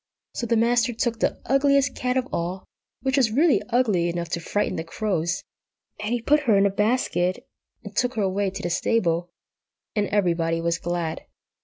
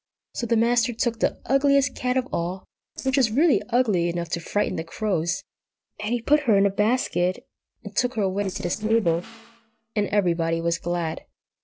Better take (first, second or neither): first